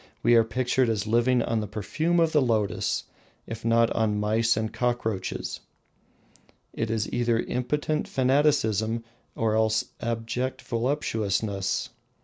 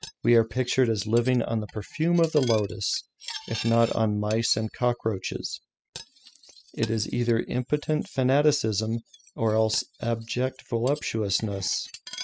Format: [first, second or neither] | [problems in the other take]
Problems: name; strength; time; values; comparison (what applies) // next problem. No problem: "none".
first | noise reduction (classical method spectral subtraction)